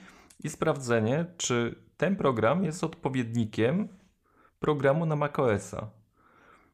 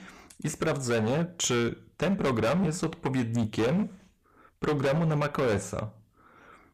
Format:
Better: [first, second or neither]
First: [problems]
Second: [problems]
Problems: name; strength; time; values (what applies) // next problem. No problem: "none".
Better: first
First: none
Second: distortion; heavy; 14% of the sound clipped